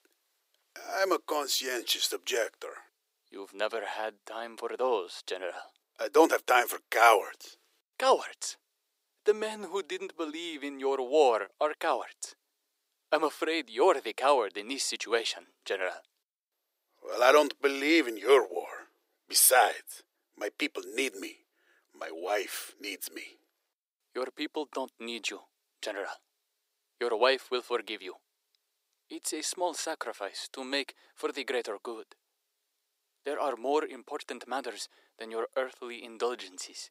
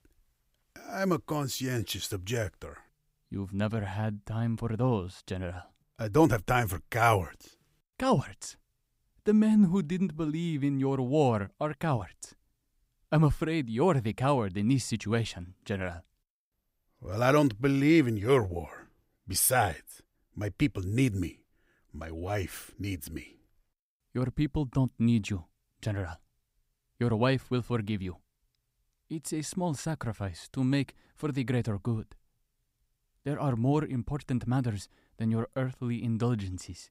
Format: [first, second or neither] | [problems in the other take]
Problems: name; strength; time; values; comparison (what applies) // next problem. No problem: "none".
second | thin; very; fading below 350 Hz